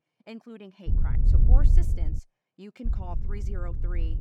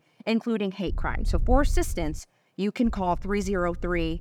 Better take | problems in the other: second | wind noise on the microphone; heavy; from 1 to 2 s and from 3 s on; 1 dB below the speech; occasional gusts in the second

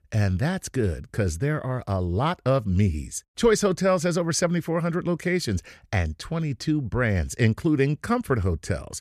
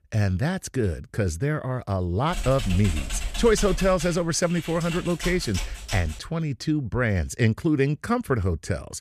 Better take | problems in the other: first | keyboard typing; noticeable; from 2.5 to 6 s; peak 6 dB below the speech

